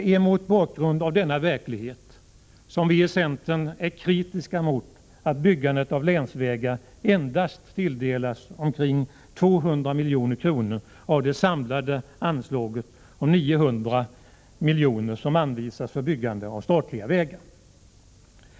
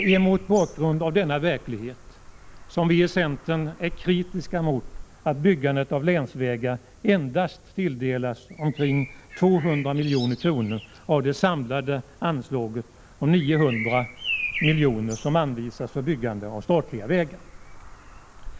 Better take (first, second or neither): first